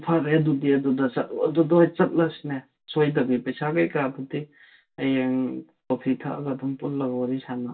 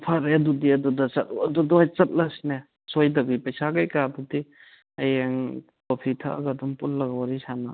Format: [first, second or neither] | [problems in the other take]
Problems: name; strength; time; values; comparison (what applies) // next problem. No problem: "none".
second | room echo; dies away in 0.2 s